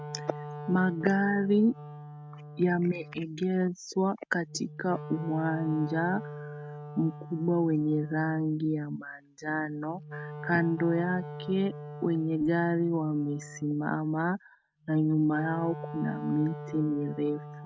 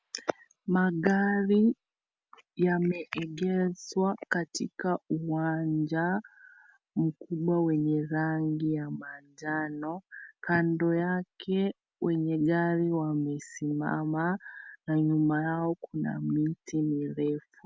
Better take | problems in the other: second | noise reduction (neural mask model RNNoise)

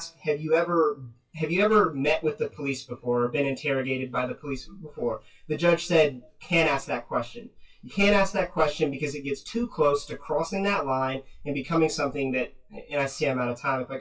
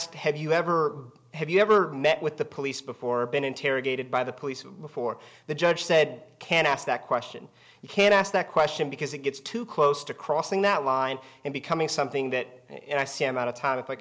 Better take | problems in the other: second | noise reduction (classical method WPE with log-MMSE)

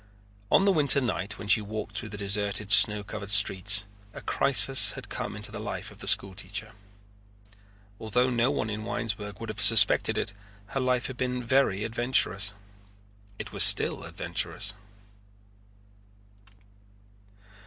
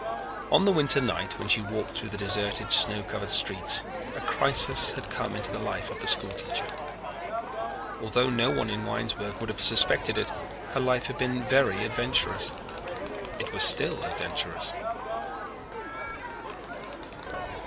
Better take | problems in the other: first | background sound (Crowd); 5 dB below the speech

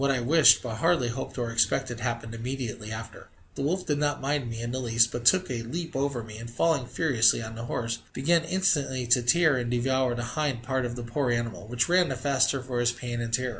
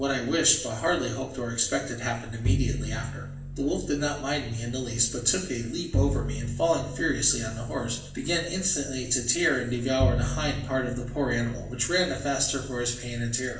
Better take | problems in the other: first | background sound (Bowed string instrument); 5 dB below the speech // room echo; dies away in 0.9 s

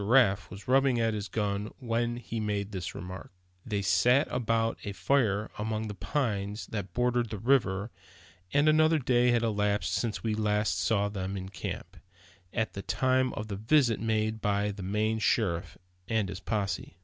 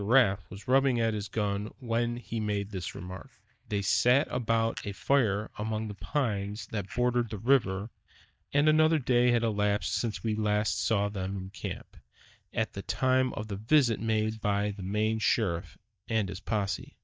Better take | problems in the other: first | noise reduction (neural mask model DeepFilterNet 3)

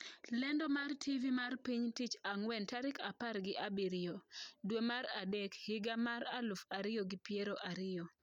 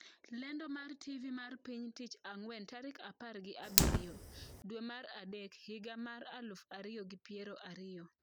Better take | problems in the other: first | background sound (Fire); 4 dB above the speech

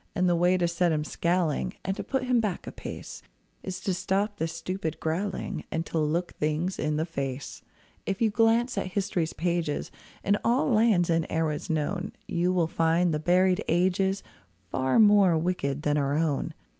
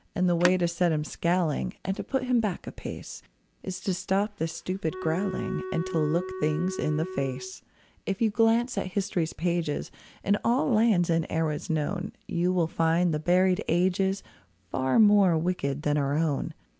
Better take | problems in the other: first | background sound (Wind instrument, woodwind instrument + Telephone); 10 dB below the speech

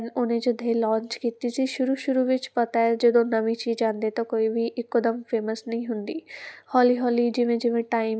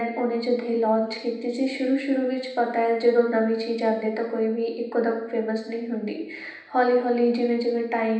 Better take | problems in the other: first | room echo; dies away in 0.9 s

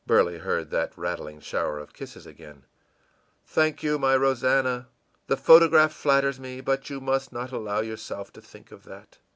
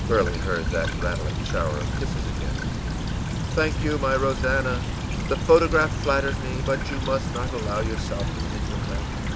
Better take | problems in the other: first | background sound (Stream / Trickle, dribble); as loud as the speech

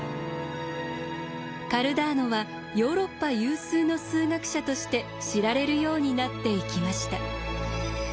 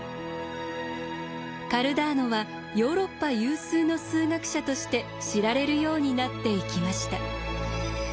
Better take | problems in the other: second | background sound (Strum); 19 dB below the speech

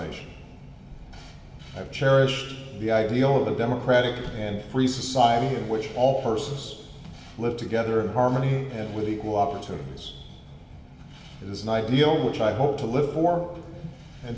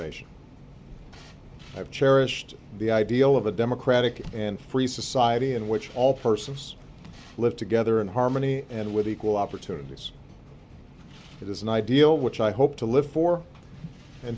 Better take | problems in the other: second | room echo; dies away in 1.4 s

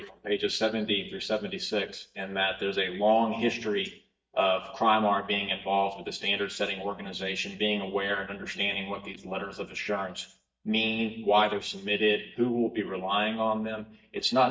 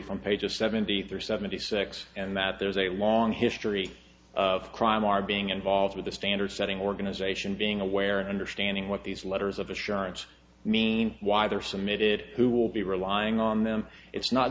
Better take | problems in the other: second | noise reduction (neural mask model DeepFilterNet 3)

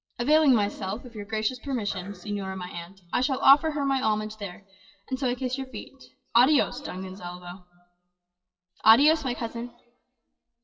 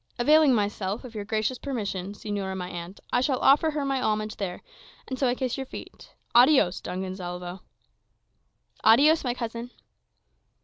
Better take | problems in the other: second | noise reduction (classical method WPE with log-MMSE)

